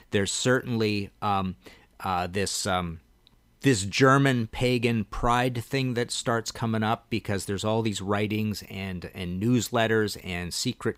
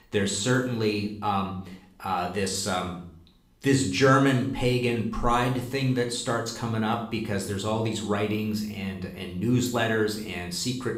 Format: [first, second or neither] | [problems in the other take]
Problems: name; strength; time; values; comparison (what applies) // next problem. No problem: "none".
first | room echo; slight; dies away in 0.6 s // off-mic speech; somewhat distant